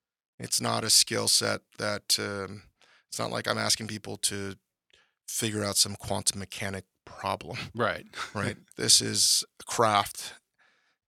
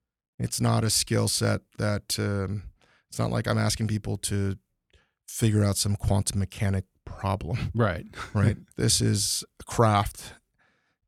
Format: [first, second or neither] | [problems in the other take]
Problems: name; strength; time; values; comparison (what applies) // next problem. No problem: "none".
second | thin; somewhat; fading below 600 Hz